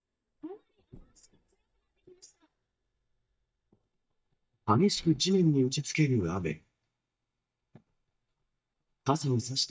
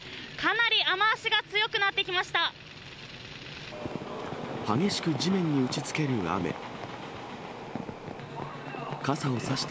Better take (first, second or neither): second